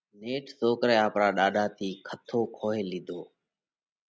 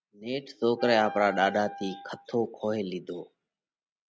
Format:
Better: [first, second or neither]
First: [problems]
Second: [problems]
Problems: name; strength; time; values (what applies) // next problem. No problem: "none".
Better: first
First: none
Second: background sound (Wind instrument, woodwind instrument); 13 dB below the speech